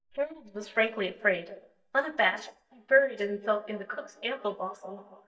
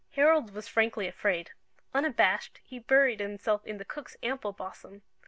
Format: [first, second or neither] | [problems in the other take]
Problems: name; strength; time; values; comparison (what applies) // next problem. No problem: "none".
second | noise reduction (neural mask model DeepFilterNet 3)